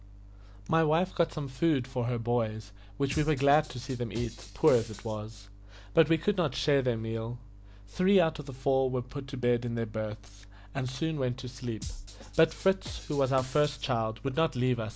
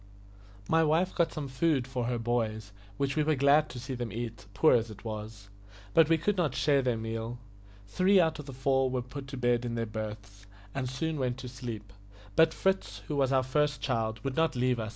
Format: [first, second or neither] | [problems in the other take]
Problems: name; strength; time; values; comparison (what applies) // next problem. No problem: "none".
second | background sound (Drum kit); 14 dB below the speech